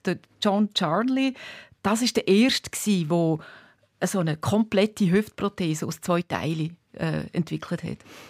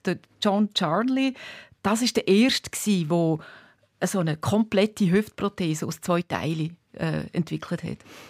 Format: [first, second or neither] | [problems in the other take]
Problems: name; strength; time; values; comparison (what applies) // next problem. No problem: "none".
neither | none